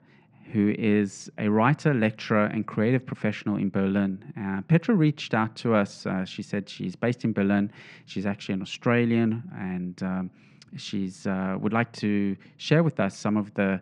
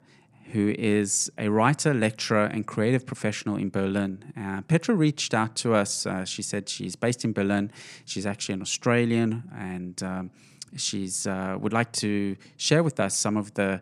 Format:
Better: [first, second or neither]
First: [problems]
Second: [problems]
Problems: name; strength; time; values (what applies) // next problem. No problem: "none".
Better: second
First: muffled; slightly; fading above 2.5 kHz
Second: none